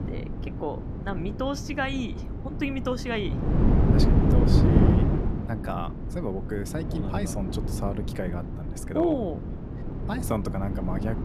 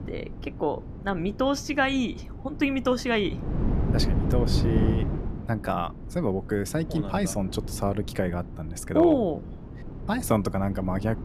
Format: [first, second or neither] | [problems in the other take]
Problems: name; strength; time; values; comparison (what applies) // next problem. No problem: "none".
second | wind noise on the microphone; heavy; 2 dB below the speech; occasional gusts in the second